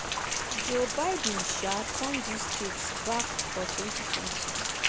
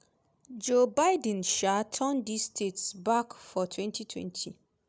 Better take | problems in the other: second | background sound (Rain); 2 dB above the speech

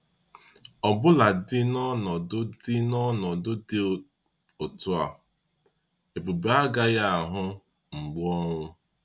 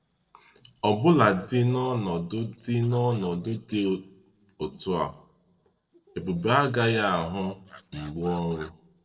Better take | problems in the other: first | noise reduction (neural separator model SepFormer DNS4)

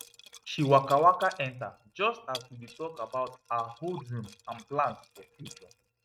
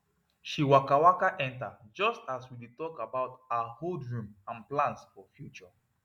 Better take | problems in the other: second | noise reduction (neural mask model RNNoise)

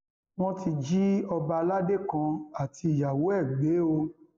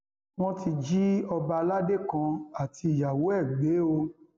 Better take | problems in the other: second | noise reduction (neural mask model Resemble Enhance denoiser)

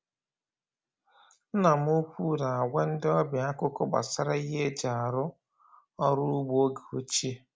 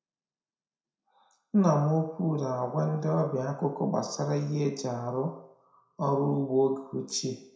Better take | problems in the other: first | room echo; dies away in 0.5 s

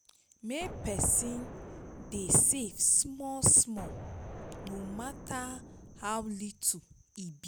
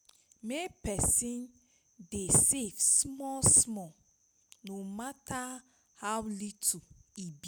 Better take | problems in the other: second | background sound (Explosion); 13 dB below the speech

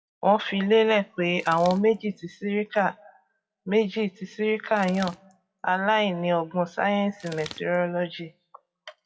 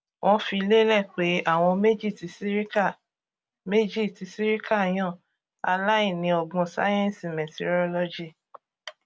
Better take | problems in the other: second | noise reduction (classical method WPE with log-MMSE)

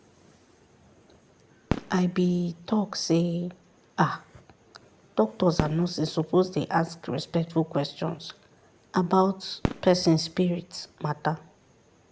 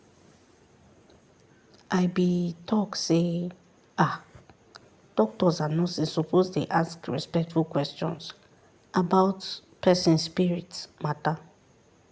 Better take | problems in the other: second | background sound (Fireworks); 10 dB below the speech

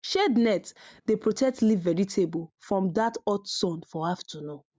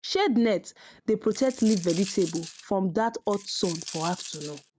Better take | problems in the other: first | background sound (Coin (dropping)); 13 dB below the speech

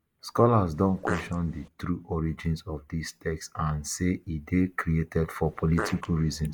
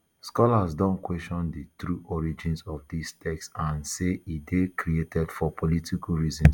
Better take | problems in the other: second | noise reduction (neural mask model Resemble Enhance denoiser)

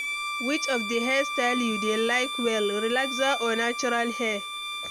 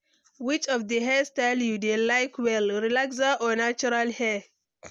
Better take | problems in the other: second | background sound (Bowed string instrument); 5 dB below the speech

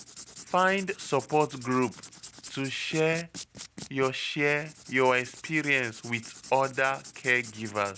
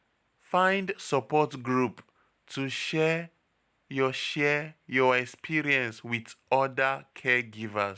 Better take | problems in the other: second | background sound (Writing); 17 dB below the speech

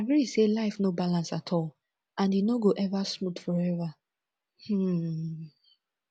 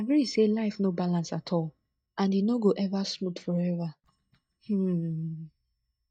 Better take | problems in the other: first | noise reduction (neural mask model DeepFilterNet 3)

